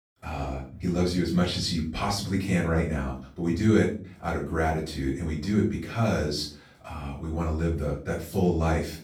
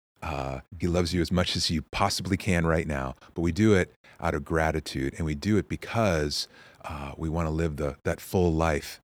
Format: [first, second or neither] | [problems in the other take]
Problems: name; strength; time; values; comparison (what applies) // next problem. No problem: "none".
second | room echo; slight; dies away in 0.4 s // off-mic speech; far